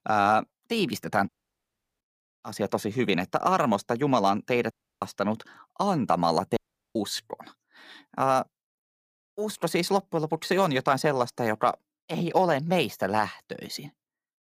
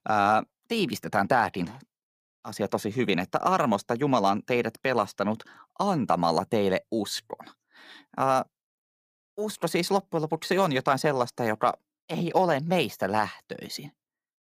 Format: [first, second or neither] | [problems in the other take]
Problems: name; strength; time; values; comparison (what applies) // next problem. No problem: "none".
second | audio cutting out; at 1.5 s for 0.5 s, at 4.5 s and at 6.5 s